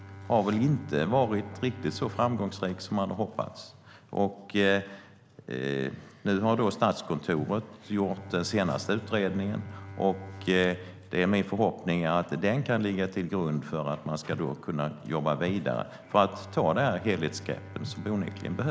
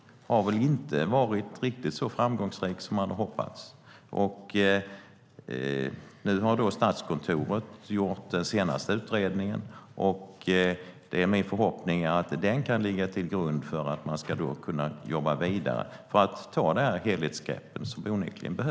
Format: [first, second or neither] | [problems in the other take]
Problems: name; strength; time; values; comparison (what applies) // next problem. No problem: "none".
second | background sound (Bowed string instrument); 18 dB below the speech